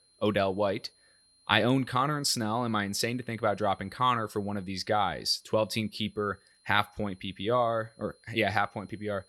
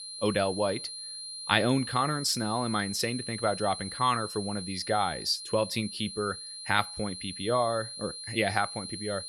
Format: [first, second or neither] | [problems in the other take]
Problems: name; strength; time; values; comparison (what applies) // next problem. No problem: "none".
first | high-pitched whine; loud; throughout; 4 kHz, 8 dB below the speech; faint in the first